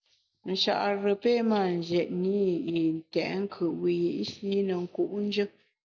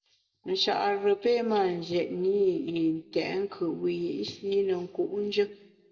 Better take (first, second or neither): first